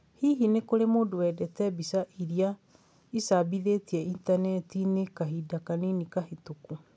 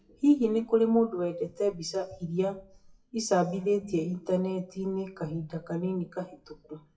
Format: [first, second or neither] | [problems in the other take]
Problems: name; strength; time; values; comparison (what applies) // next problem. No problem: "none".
first | noise reduction (classical method WPE with log-MMSE)